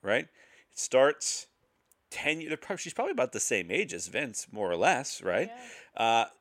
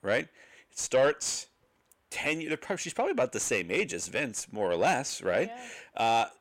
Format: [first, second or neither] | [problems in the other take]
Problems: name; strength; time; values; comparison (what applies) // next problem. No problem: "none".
first | distortion; slight; 10 dB below the speech